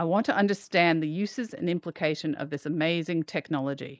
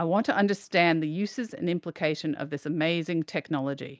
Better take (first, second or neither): second